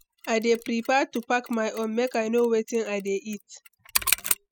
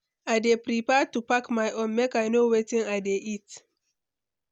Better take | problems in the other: second | noise reduction (classical method spectral subtraction)

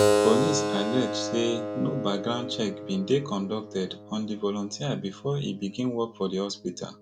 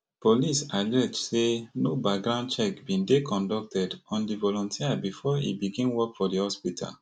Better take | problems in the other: second | background sound (Keyboard (musical)); 2 dB below the speech

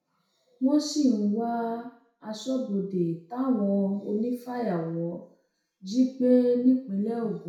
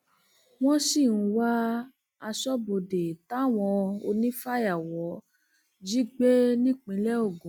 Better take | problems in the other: second | room echo; dies away in 0.6 s

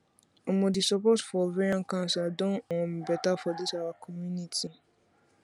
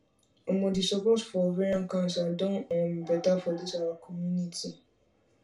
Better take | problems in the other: first | room echo; dies away in 0.2 s

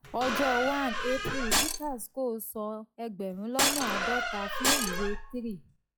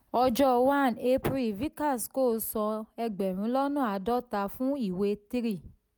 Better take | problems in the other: second | noise reduction (classical method log-MMSE)

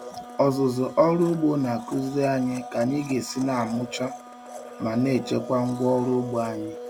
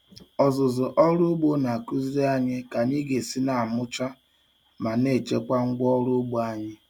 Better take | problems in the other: second | background sound (Domestic sounds, home sounds); 14 dB below the speech

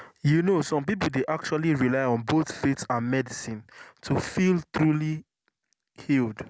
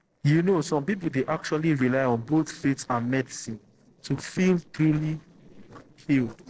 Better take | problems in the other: first | noise reduction (neural separator model SepFormer DNS4)

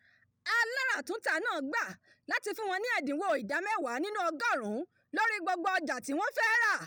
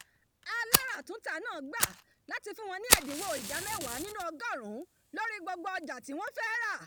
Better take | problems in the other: first | background sound (Fire); 2 dB above the speech

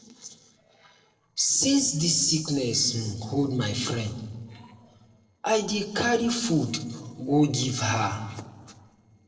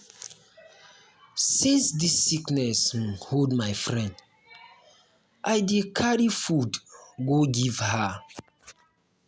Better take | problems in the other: second | noise reduction (neural separator model SepFormer DNS4)

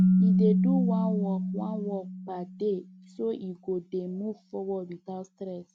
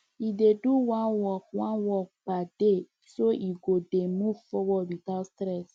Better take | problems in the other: second | background sound (Keyboard (musical)); 5 dB above the speech

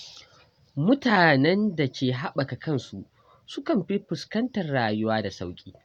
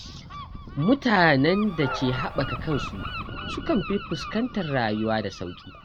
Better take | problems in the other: first | background sound (Gull, seagull + Train); 10 dB below the speech

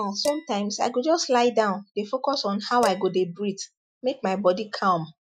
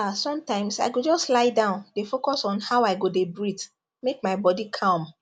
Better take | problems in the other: second | noise reduction (classical method Wiener filter)

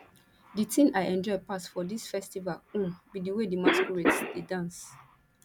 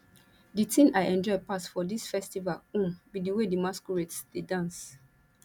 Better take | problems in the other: second | background sound (Cough); 3 dB below the speech

